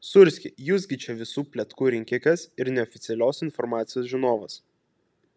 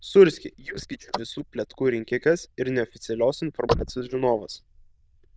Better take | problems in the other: first | noise reduction (neural diffusion model UNIVERSE++)

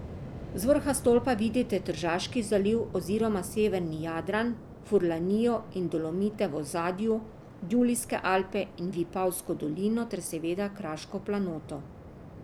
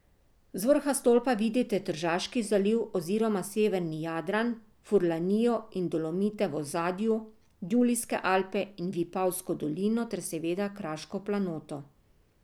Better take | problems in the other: second | background sound (Waves, surf); 15 dB below the speech

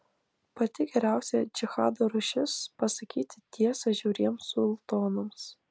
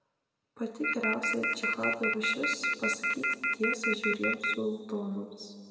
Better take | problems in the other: first | background sound (Telephone); 4 dB above the speech // room echo; dies away in 2.1 s

